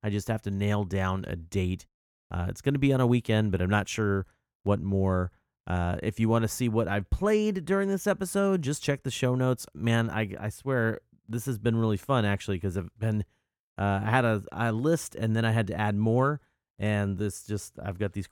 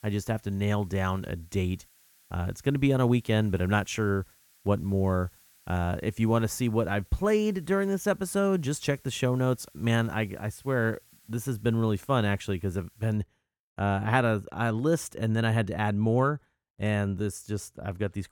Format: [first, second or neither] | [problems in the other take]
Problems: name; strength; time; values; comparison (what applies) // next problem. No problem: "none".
first | hiss; faint; until 13 s; 30 dB below the speech